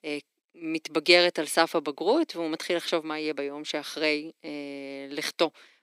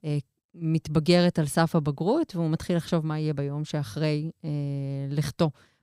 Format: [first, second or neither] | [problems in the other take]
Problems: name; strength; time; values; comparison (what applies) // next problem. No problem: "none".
second | thin; very; fading below 300 Hz